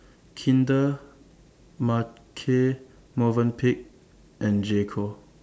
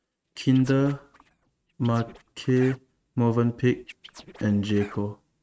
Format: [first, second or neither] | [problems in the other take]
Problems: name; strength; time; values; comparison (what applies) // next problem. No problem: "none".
first | noise reduction (neural mask model RNNoise)